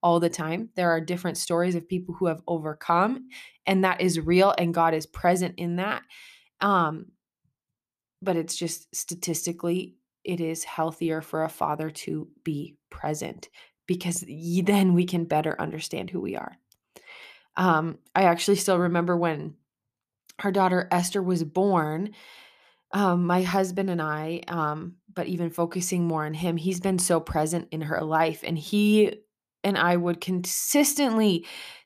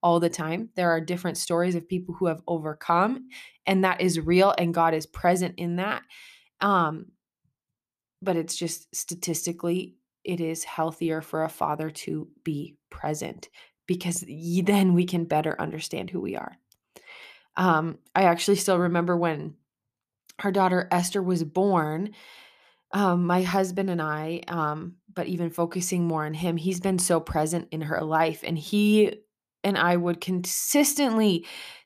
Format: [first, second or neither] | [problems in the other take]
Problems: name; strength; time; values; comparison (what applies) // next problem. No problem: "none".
neither | none